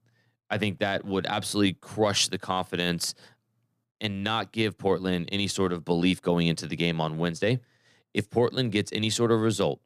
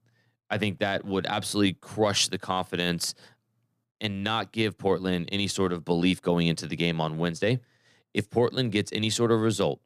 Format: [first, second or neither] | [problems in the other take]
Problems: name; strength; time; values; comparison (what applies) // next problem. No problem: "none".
neither | none